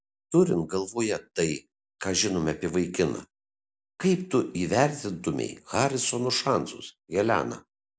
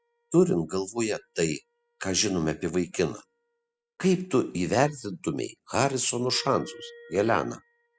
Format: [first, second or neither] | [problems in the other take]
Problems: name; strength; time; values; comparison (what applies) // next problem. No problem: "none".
first | noise reduction (classical method spectral subtraction)